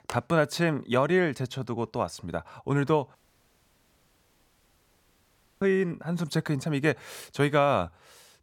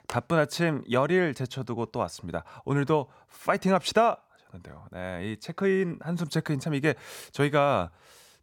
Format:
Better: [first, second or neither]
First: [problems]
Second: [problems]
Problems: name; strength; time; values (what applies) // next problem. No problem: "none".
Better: second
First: audio cutting out; at 3 s for 2.5 s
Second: none